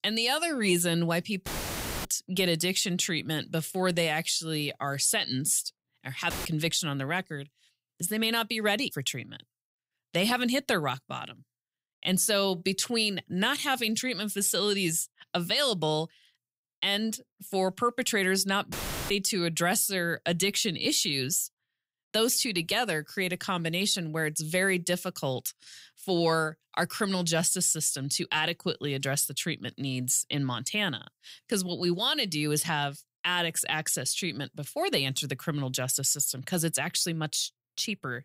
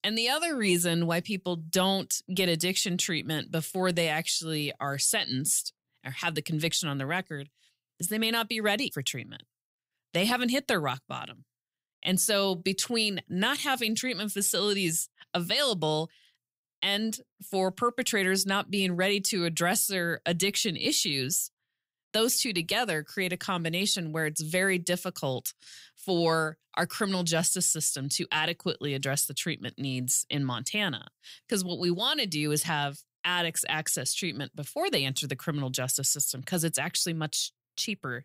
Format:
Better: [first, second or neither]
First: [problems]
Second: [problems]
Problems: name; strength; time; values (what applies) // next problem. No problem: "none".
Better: second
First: audio cutting out; filled with static; at 1.5 s for 0.5 s, at 6.5 s and at 19 s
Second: none